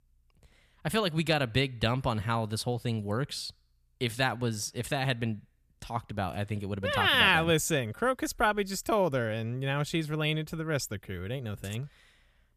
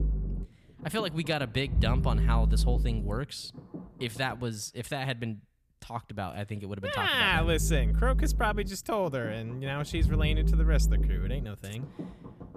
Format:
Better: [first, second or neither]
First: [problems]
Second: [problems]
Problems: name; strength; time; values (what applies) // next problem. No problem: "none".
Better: first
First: none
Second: low rumble; noticeable; until 4.5 s and from 7.5 s on; 15 dB below the speech